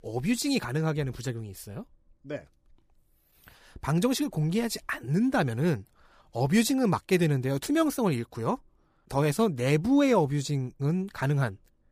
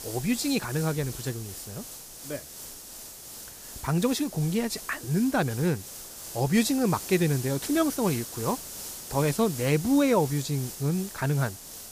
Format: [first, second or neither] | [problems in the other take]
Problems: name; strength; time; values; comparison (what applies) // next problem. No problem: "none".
first | hiss; noticeable; throughout; 10 dB below the speech